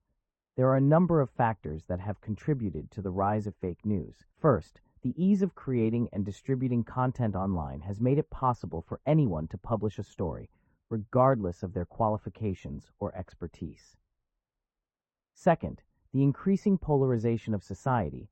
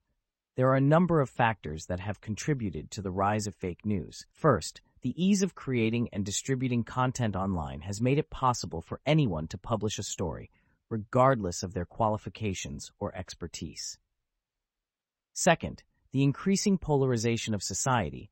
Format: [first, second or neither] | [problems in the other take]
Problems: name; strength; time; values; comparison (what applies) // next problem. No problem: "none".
second | muffled; very; fading above 2.5 kHz